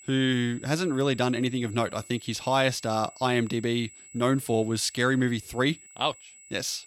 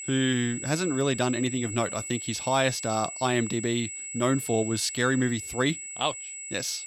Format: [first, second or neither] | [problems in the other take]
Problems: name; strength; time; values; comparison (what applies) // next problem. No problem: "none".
first | high-pitched whine; loud; throughout; 8 kHz, 7 dB below the speech; faint in the first